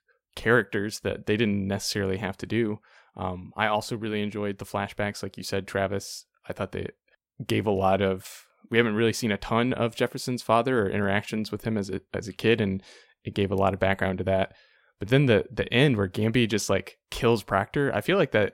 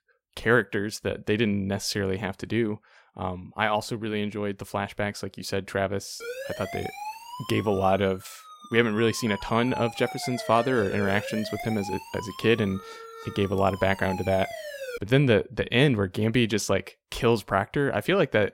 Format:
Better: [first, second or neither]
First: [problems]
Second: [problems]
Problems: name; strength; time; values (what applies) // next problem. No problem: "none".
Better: first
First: none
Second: siren; noticeable; from 6 to 15 s; peak 8 dB below the speech